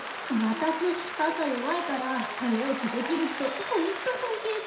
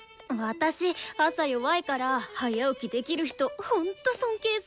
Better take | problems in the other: second | background sound (Applause); 6 dB below the speech // room echo; dies away in 0.7 s

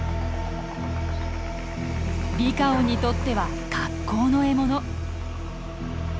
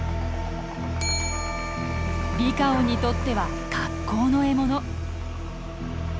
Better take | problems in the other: first | background sound (Wind instrument, woodwind instrument + Bell); 10 dB below the speech

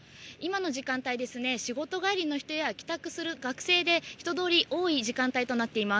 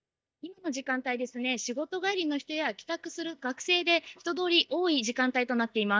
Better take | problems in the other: first | noise reduction (neural mask model DeepFilterNet 3)

